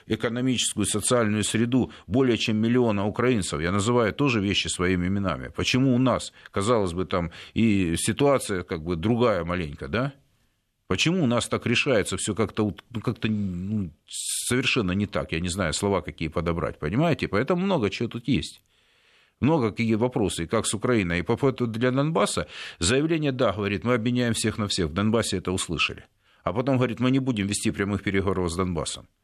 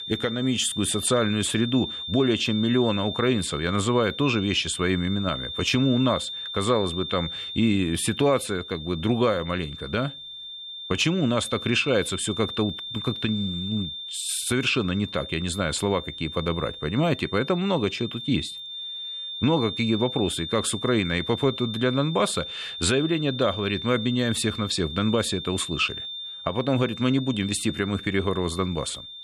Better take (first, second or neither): first